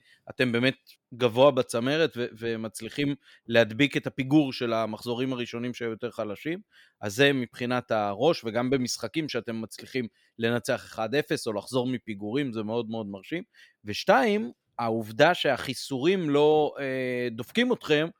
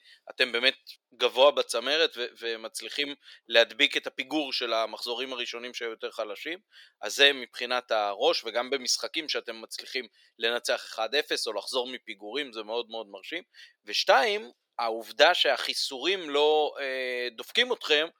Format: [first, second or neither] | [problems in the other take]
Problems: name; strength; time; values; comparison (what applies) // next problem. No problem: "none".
first | thin; very; fading below 450 Hz